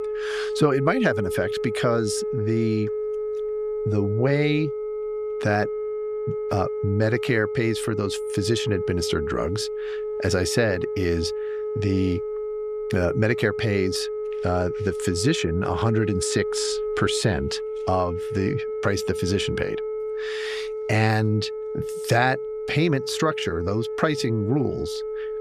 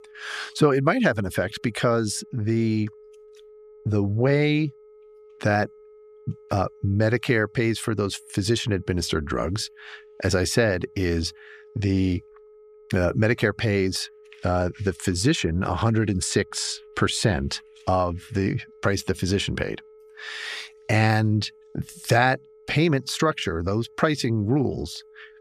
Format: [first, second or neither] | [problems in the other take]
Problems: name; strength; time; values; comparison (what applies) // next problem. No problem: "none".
second | alarms or sirens; loud; throughout; 4 dB below the speech; faint in the second